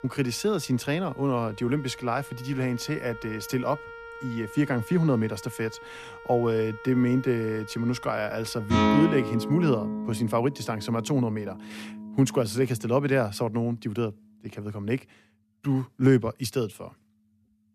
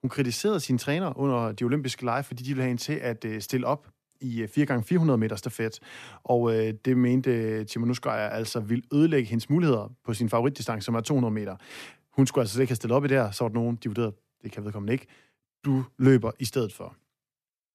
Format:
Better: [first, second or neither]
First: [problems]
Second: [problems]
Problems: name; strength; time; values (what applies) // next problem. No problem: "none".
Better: second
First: background music; loud; throughout; 8 dB below the speech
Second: none